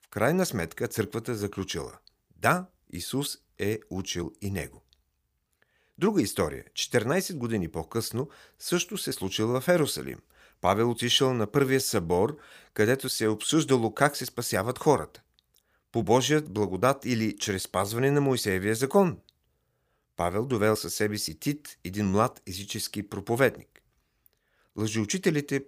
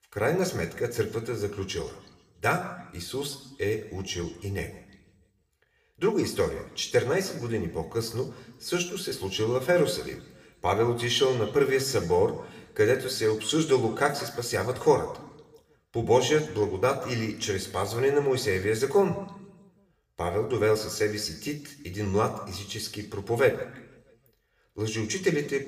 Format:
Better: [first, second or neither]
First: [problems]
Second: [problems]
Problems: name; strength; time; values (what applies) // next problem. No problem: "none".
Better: first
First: none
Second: room echo; slight; dies away in 0.9 s